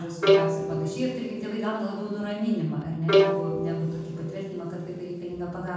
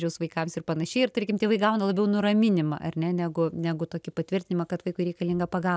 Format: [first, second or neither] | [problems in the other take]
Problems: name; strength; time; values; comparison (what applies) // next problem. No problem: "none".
second | background sound (Bowed string instrument); 3 dB above the speech // room echo; dies away in 1.2 s